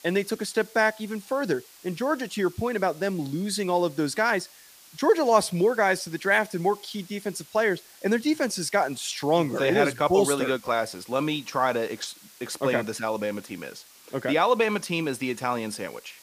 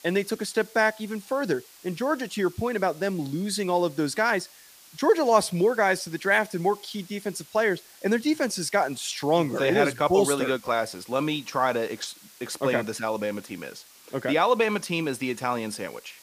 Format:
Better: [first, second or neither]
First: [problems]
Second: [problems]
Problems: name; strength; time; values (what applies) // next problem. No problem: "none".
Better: neither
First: hiss; faint; throughout; 25 dB below the speech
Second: hiss; faint; throughout; 25 dB below the speech